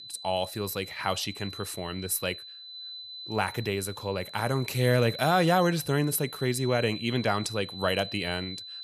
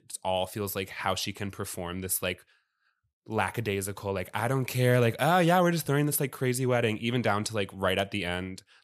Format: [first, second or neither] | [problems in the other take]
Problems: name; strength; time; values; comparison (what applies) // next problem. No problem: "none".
second | high-pitched whine; noticeable; throughout; 4 kHz, 10 dB below the speech